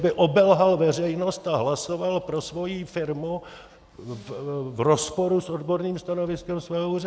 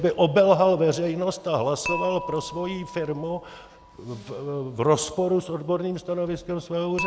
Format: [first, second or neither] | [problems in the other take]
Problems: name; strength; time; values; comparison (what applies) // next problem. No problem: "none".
first | background sound (Dishes, pots, and pans / Chink, clink); 14 dB below the speech